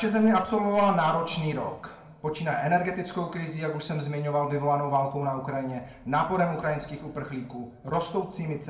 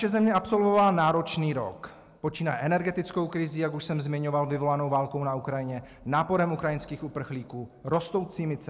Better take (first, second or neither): second